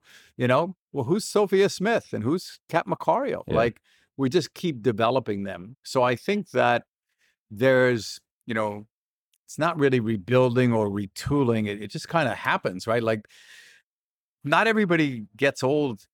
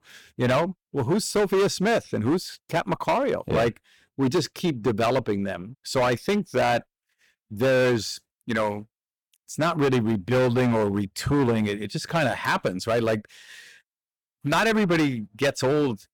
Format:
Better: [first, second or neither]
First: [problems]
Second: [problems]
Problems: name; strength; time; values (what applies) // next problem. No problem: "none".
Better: first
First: none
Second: distortion; heavy; 11% of the sound clipped